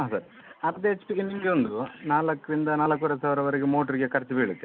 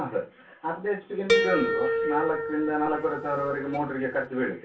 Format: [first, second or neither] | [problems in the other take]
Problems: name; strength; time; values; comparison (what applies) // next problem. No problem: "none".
first | background sound (Harp); 1 dB above the speech // room echo; dies away in 0.2 s